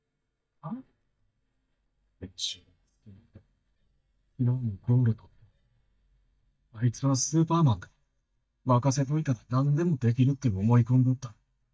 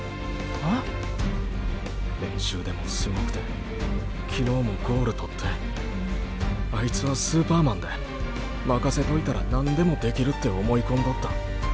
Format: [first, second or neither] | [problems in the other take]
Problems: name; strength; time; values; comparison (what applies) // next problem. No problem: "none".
second | noise reduction (neural mask model DeepFilterNet 3)